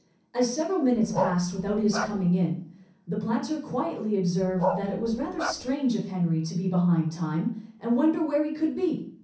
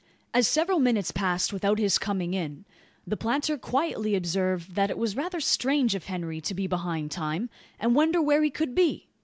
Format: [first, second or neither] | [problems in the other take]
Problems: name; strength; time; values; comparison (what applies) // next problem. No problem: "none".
second | background sound (Bark); 5 dB below the speech // room echo; dies away in 0.6 s